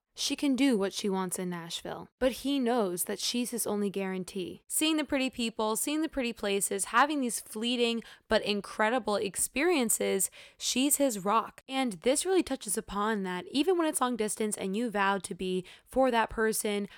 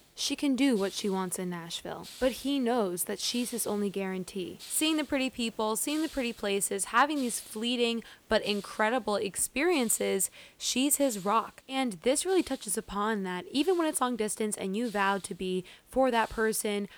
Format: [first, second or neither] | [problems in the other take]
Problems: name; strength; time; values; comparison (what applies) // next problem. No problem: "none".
first | hiss; faint; throughout; 20 dB below the speech